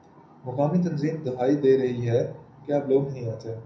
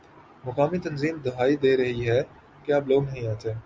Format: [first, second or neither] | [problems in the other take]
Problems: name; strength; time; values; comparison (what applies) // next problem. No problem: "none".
second | room echo; dies away in 0.6 s